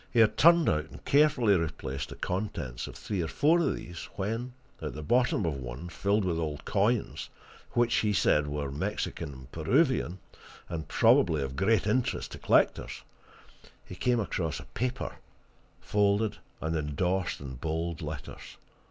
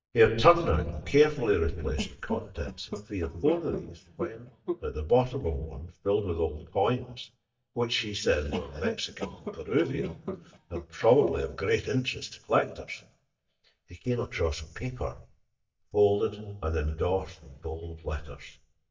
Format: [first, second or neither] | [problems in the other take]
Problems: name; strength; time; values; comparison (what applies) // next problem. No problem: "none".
first | noise reduction (neural mask model DeepFilterNet 3)